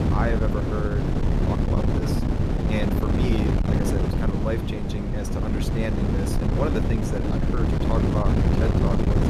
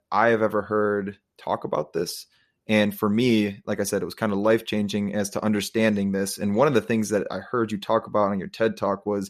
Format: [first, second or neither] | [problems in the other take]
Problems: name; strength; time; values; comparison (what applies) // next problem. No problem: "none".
second | wind noise on the microphone; heavy; 2 dB above the speech